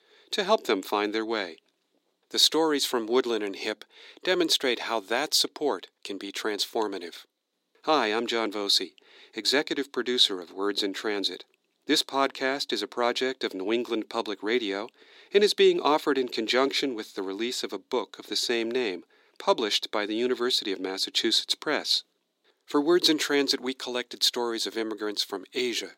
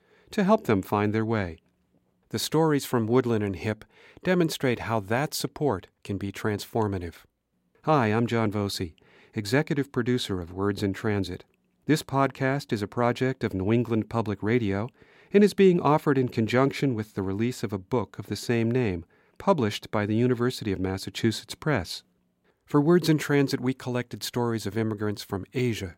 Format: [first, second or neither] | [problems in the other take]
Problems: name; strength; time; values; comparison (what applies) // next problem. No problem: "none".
second | thin; somewhat; fading below 300 Hz